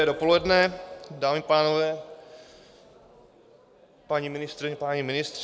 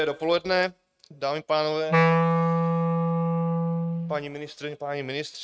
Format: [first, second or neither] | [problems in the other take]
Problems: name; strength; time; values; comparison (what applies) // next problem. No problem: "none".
first | noise reduction (neural mask model RNNoise)